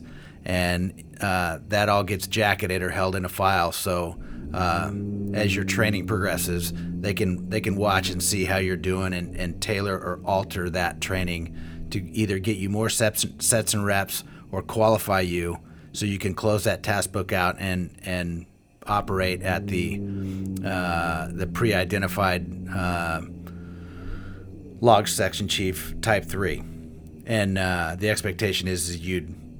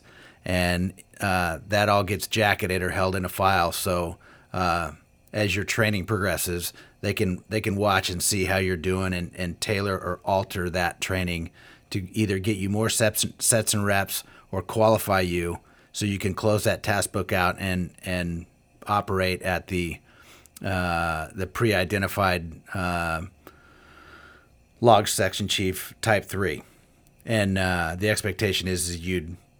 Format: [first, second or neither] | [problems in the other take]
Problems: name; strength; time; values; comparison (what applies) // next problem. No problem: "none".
second | low rumble; noticeable; throughout; 20 dB below the speech